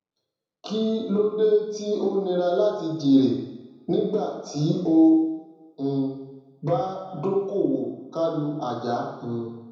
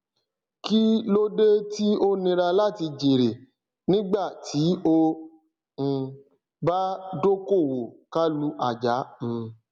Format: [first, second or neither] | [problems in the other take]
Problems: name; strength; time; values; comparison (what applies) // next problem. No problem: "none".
second | room echo; dies away in 0.9 s